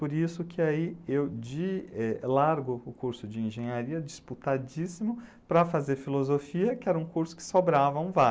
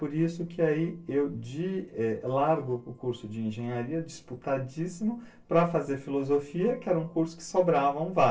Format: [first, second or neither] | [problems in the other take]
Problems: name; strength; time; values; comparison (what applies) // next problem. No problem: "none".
first | noise reduction (neural separator model SepFormer DNS4)